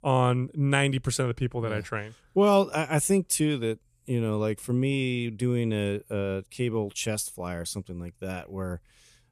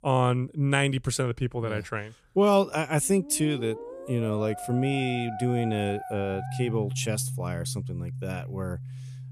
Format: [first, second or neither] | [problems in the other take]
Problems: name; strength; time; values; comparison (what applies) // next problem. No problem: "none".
first | background music; loud; from 3.5 s on; 9 dB below the speech